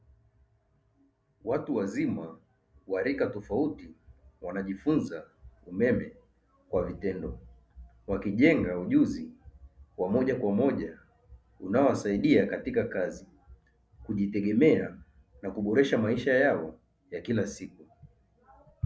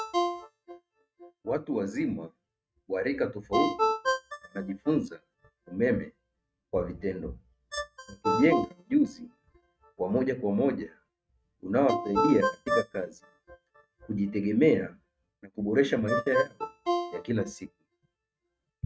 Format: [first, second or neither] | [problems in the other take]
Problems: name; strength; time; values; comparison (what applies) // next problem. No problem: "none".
first | noise reduction (neural mask model RNNoise)